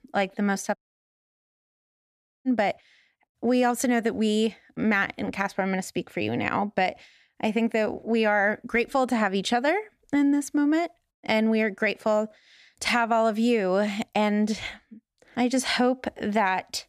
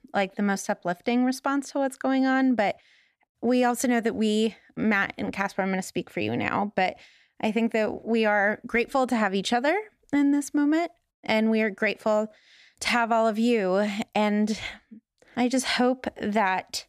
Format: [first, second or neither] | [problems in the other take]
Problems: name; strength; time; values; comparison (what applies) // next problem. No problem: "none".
second | audio cutting out; at 1 s for 1.5 s